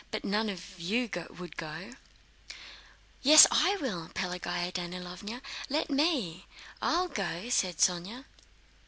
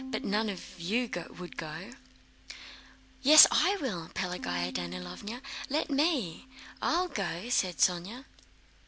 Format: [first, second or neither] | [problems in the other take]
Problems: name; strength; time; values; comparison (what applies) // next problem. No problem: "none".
first | background sound (Bowed string instrument); 17 dB below the speech